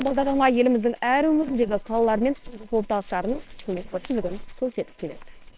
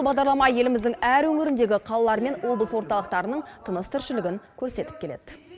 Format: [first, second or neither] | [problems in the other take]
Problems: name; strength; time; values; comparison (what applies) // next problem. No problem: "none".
second | noise reduction (neural separator model SepFormer WHAMR!)